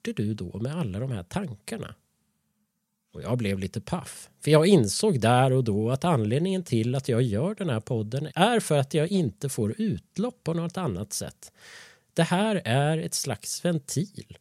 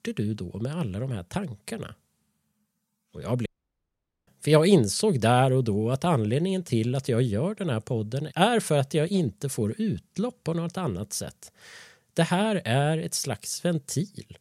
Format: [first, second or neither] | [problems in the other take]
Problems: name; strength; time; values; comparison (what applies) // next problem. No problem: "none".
first | audio cutting out; at 3.5 s for 1 s